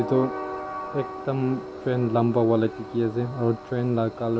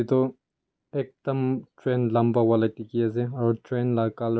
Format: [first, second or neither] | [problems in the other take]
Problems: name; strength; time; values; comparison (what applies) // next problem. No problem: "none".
second | background sound (Train); 10 dB below the speech